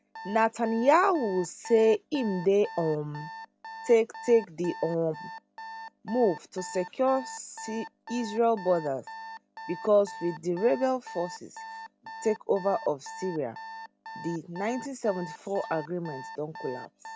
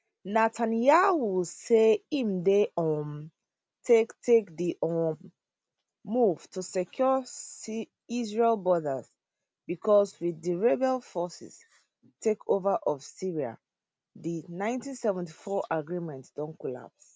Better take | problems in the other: second | background sound (Alarm); 14 dB below the speech

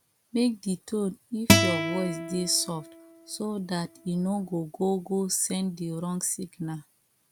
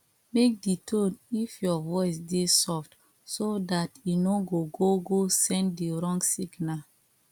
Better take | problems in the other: second | background sound (Acoustic guitar); 2 dB above the speech

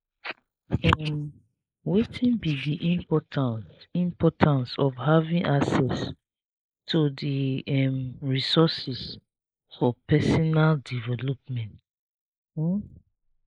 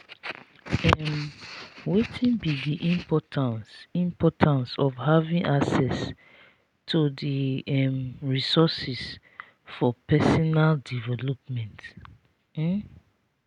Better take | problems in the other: second | noise reduction (neural mask model Resemble Enhance denoiser)

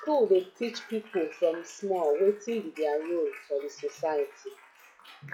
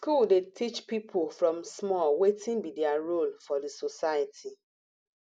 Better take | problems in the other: second | noise reduction (classical method log-MMSE)

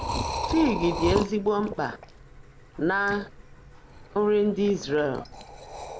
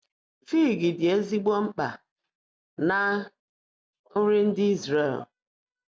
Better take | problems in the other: second | background sound (Liquid); 7 dB below the speech

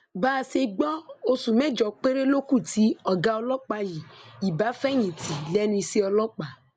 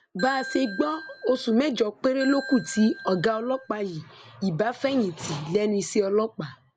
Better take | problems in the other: first | background sound (Ringtone / Bell); 14 dB below the speech

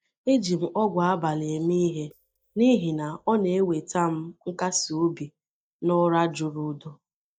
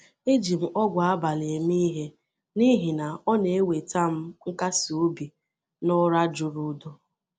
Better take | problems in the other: second | noise reduction (neural mask model DeepFilterNet 3)

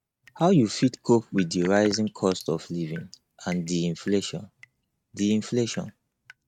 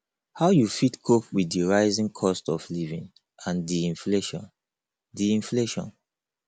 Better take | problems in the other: second | noise reduction (neural mask model RNNoise)

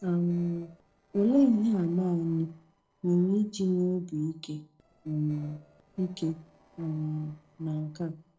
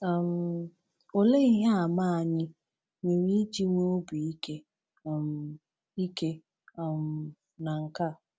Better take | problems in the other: second | noise reduction (neural separator model SepFormer DNS4)

